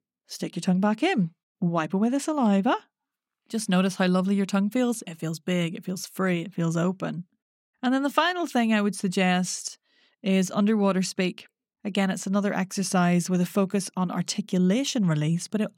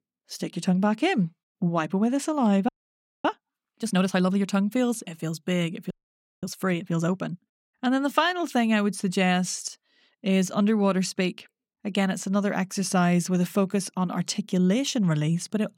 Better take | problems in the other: first | audio freezing; at 2.5 s for 0.5 s and at 6 s for 0.5 s

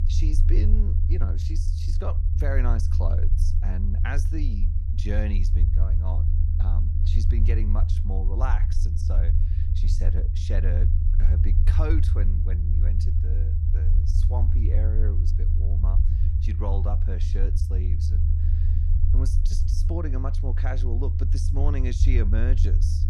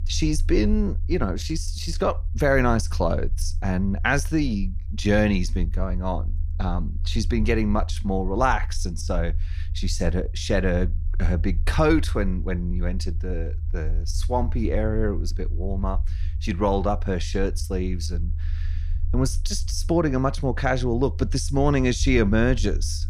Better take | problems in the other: second | low rumble; loud; throughout; 3 dB below the speech; faint in the second

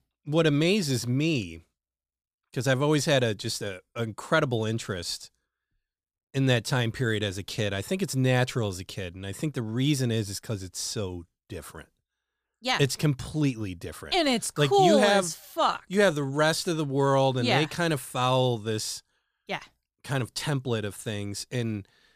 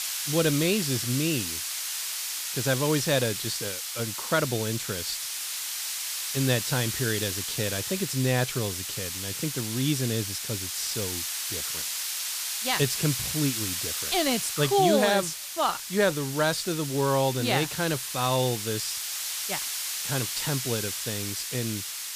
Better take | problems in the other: first | hiss; loud; throughout; 2 dB below the speech

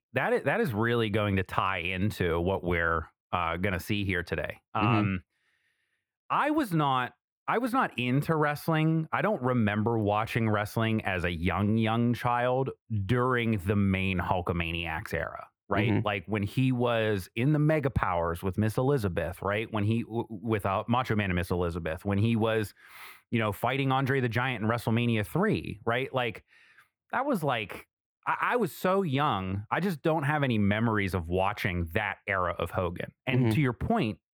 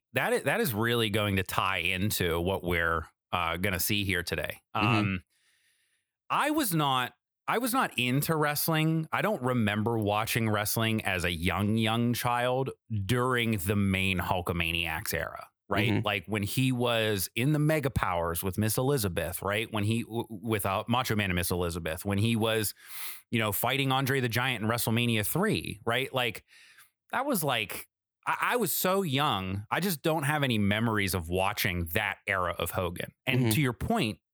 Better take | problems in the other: second | muffled; slightly; fading above 3.5 kHz

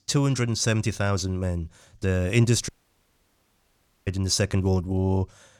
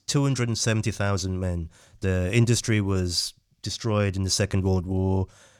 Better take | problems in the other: second | audio cutting out; at 2.5 s for 1.5 s

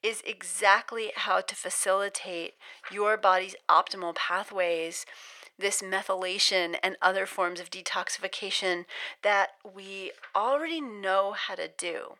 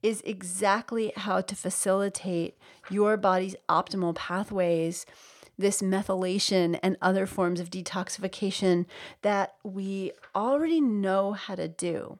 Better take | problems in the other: second | thin; very; fading below 600 Hz

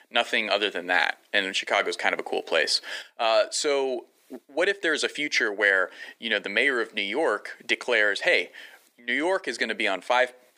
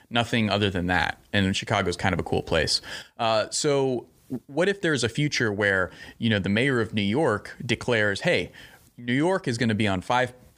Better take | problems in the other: second | thin; very; fading below 300 Hz

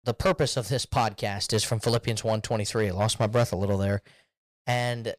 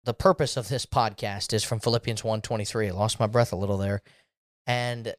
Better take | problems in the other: second | distortion; slight; 3% of the sound clipped

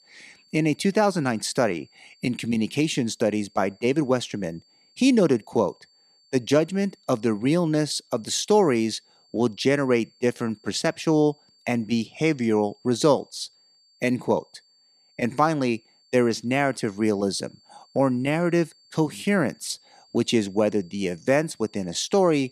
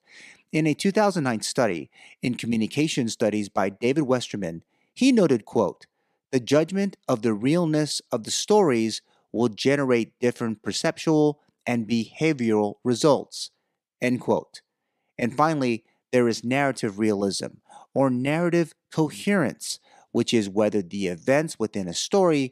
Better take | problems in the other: second | high-pitched whine; faint; throughout; 4.5 kHz, 30 dB below the speech

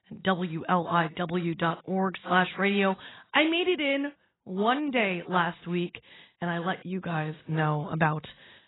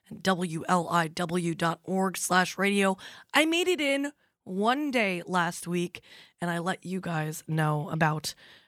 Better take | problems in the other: second | garbled, watery; badly; nothing above 4 kHz

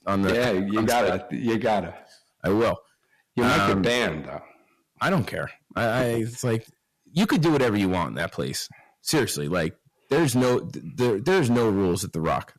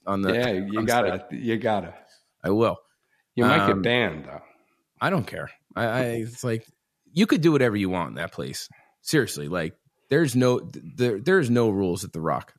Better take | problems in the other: second | distortion; heavy; 11% of the sound clipped

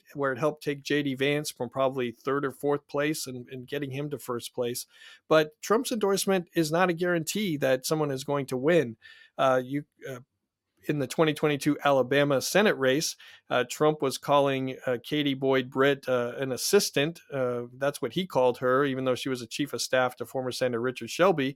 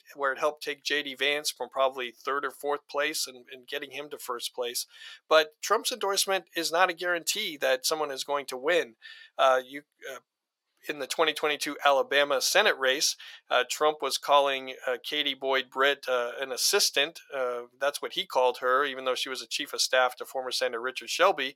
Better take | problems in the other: first | thin; very; fading below 700 Hz

